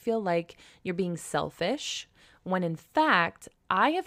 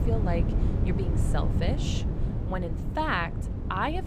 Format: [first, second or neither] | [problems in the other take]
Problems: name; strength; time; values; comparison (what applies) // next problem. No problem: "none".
first | wind noise on the microphone; heavy; 7 dB below the speech